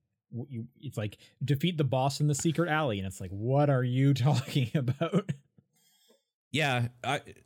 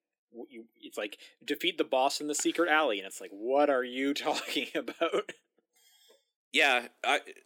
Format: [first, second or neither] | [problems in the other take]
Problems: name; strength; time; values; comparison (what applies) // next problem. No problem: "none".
first | thin; somewhat; fading below 300 Hz